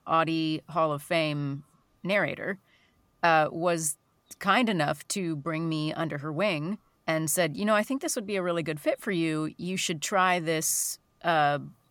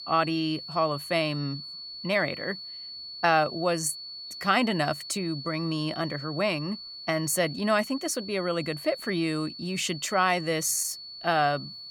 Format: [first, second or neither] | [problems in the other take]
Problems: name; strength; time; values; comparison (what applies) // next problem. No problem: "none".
first | high-pitched whine; noticeable; throughout; 4.5 kHz, 10 dB below the speech